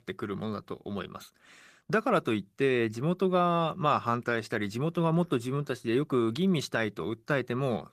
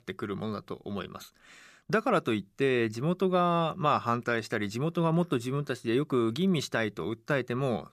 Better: second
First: garbled, watery; slightly; nothing above 14.5 kHz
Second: none

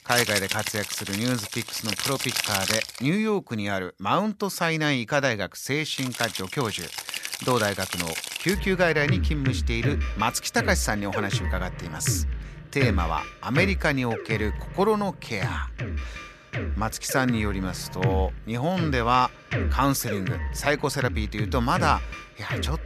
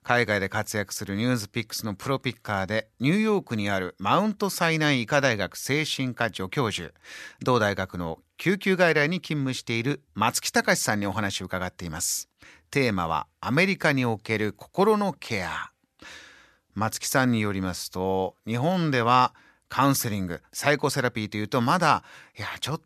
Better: second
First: background music; loud; throughout; 4 dB below the speech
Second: none

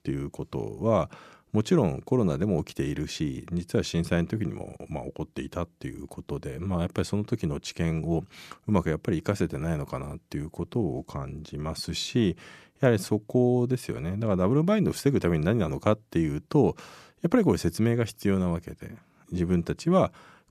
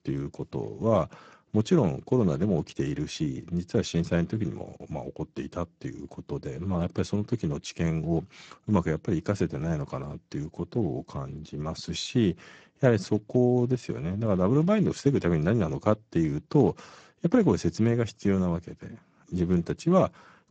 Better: first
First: none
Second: garbled, watery; badly; nothing above 7.5 kHz

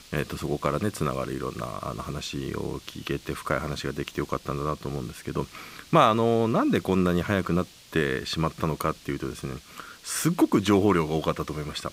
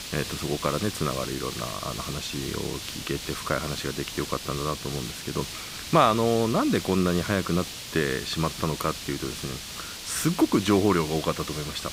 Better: first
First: hiss; faint; throughout; 20 dB below the speech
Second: hiss; loud; throughout; 7 dB below the speech

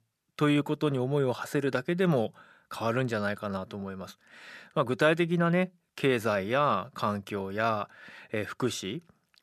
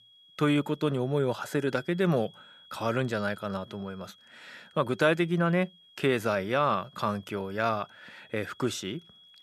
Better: first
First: none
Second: high-pitched whine; faint; throughout; 3.5 kHz, 25 dB below the speech

